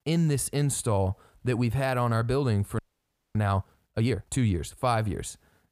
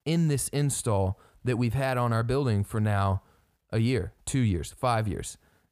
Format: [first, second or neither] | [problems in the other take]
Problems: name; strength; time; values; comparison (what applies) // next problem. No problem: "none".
second | audio freezing; at 3 s for 0.5 s